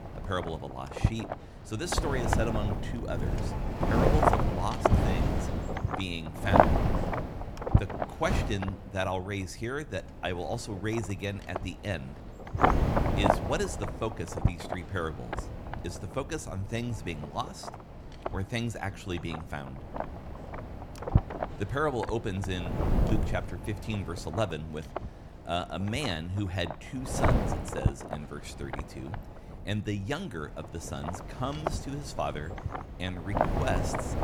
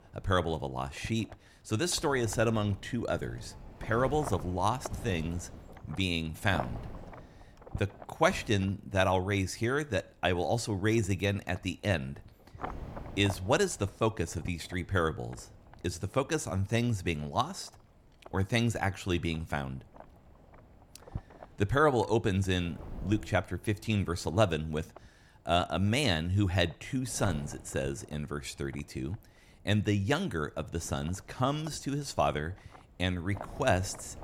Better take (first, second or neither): second